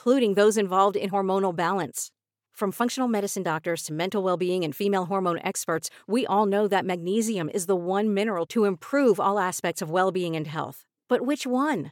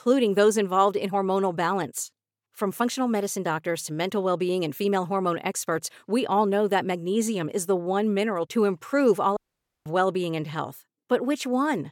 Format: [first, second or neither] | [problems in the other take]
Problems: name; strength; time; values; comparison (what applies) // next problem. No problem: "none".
first | audio cutting out; at 9.5 s